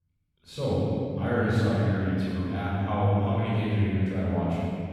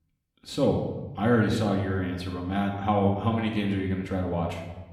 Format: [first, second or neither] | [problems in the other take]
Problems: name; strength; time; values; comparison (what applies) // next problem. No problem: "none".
second | room echo; strong; dies away in 2.5 s; slight in the second // off-mic speech; far; somewhat distant in the second